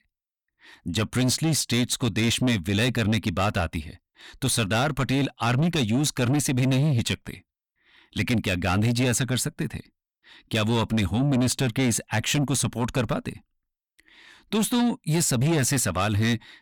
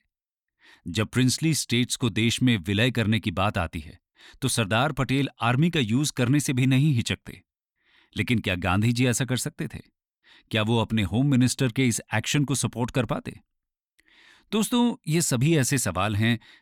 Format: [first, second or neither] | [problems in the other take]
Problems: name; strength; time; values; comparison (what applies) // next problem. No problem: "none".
second | distortion; slight; 10 dB below the speech